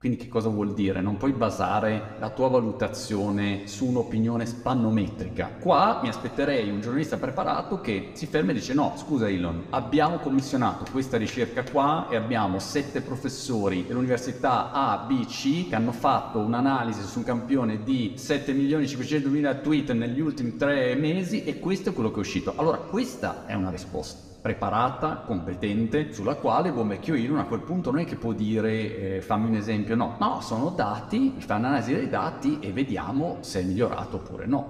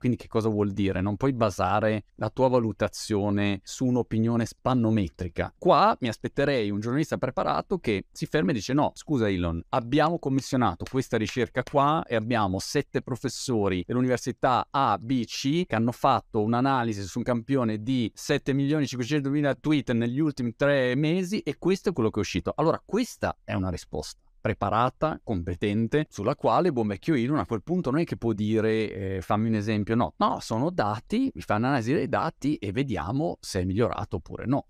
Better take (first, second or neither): second